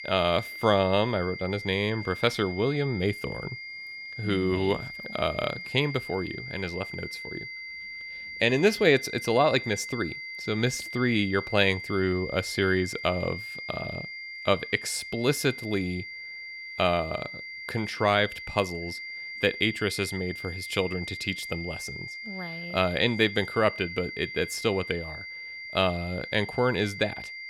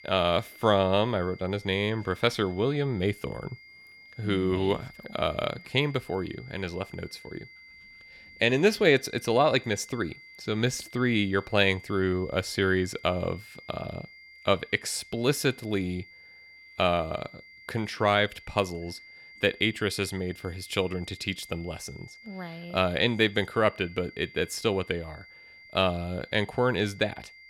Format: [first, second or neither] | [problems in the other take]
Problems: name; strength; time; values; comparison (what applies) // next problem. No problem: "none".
second | high-pitched whine; loud; throughout; 2 kHz, 9 dB below the speech; faint in the second